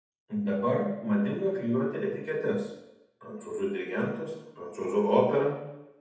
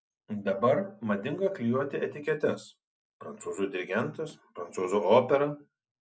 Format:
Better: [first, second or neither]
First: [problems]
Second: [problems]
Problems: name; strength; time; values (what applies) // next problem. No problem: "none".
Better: second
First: room echo; dies away in 0.8 s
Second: none